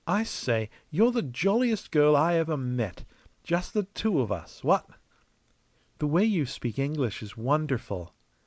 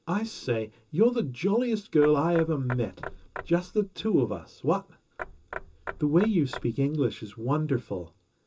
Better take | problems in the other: first | background sound (Knock / Wood); 14 dB below the speech // room echo; dies away in 0.2 s

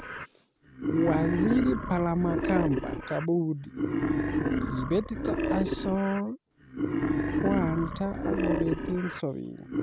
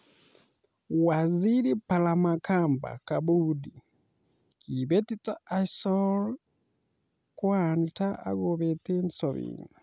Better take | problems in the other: second | background sound (Wild animals); as loud as the speech

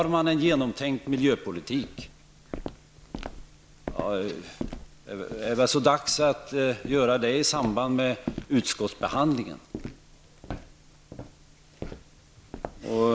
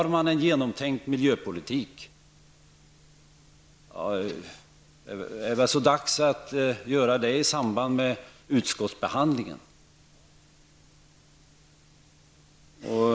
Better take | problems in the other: second | background sound (Walk, footsteps); 14 dB below the speech

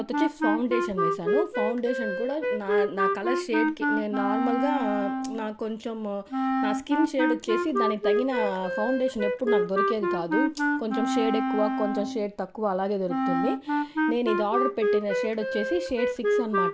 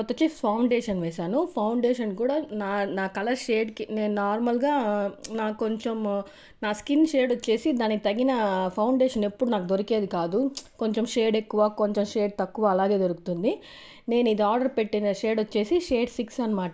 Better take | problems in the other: second | background sound (Wind instrument, woodwind instrument); 2 dB above the speech

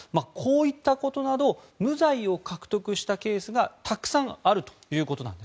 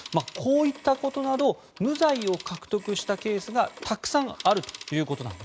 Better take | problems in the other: first | background sound (Telephone); 17 dB below the speech

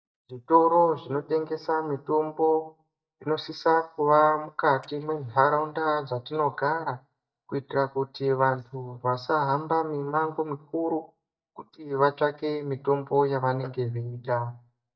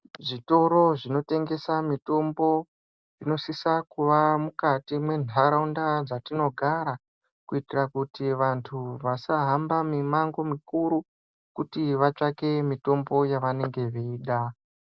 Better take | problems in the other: second | noise reduction (neural mask model DeepFilterNet 3)

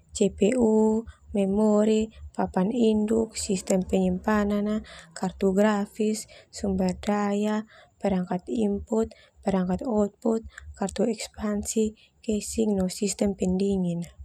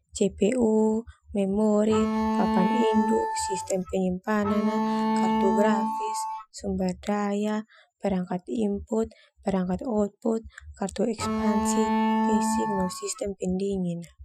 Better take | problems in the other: first | noise reduction (classical method Wiener filter)

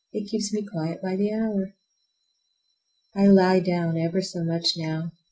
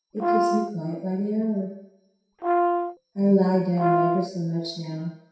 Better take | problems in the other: first | background sound (Brass instrument); as loud as the speech // room echo; dies away in 0.7 s

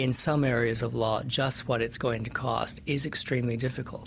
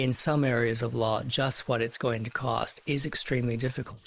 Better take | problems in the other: first | noise reduction (neural mask model Resemble Enhance denoiser)

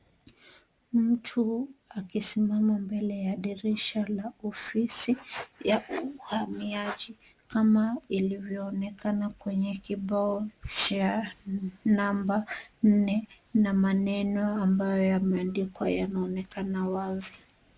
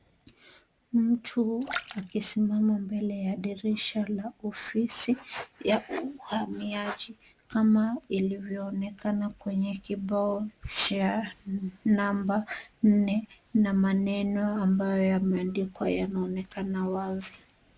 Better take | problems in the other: first | background sound (Splash, splatter); 14 dB below the speech

